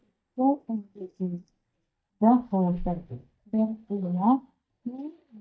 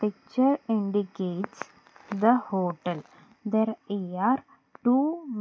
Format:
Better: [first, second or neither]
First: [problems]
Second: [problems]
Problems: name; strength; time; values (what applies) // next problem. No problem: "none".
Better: second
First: noise reduction (neural mask model DeepFilterNet 3)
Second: none